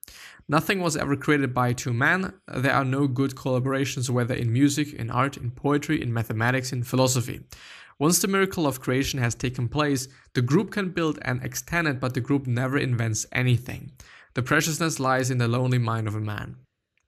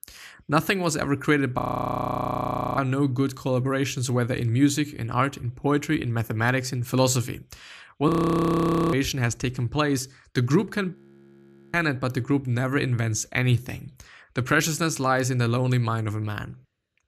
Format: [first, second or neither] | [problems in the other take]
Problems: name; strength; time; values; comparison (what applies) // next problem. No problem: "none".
first | audio freezing; at 1.5 s for 1 s, at 8 s for 1 s and at 11 s for 1 s